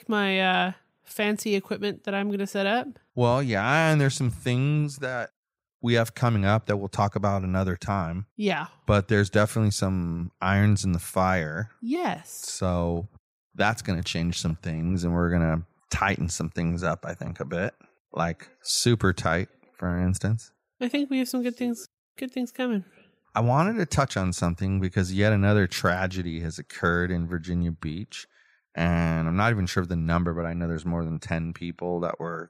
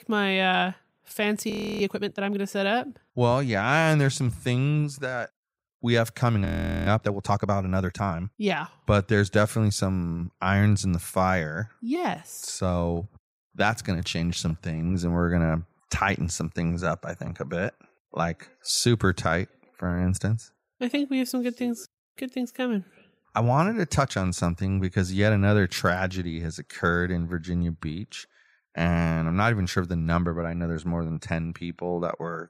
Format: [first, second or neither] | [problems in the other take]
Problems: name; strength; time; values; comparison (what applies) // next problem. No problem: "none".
first | audio freezing; at 1.5 s and at 6.5 s